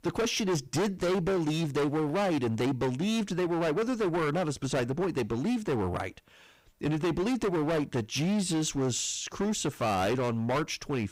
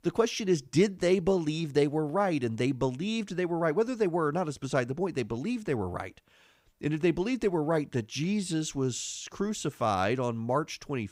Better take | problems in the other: second | distortion; heavy; 23% of the sound clipped

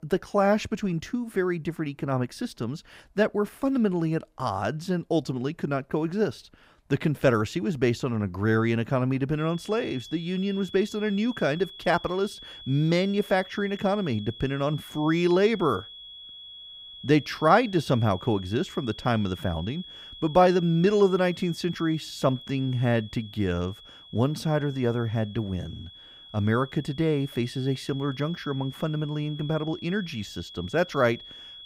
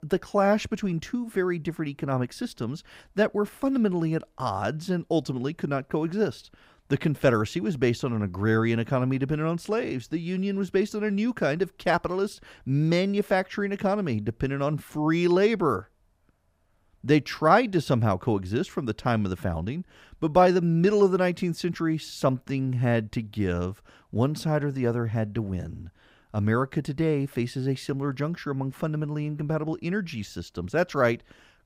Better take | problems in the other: second | high-pitched whine; noticeable; from 9.5 s on; 3.5 kHz, 15 dB below the speech

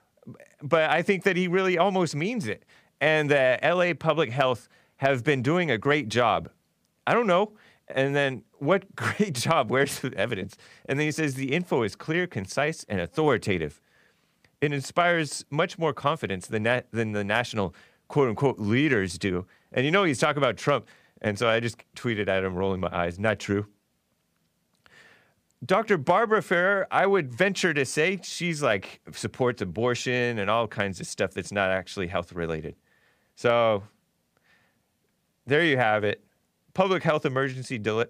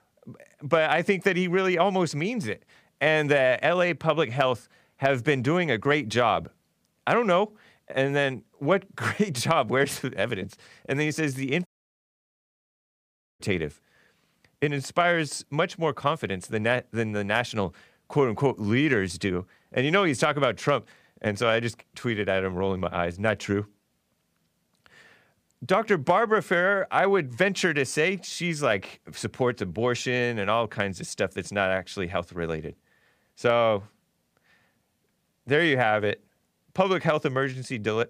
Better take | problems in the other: first | audio cutting out; at 12 s for 1.5 s

